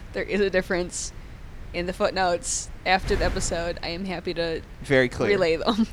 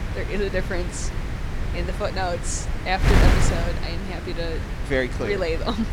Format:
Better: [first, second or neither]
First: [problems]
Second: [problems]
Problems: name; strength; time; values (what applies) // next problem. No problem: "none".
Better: first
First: wind noise on the microphone; occasional gusts; 20 dB below the speech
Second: wind noise on the microphone; heavy; 4 dB below the speech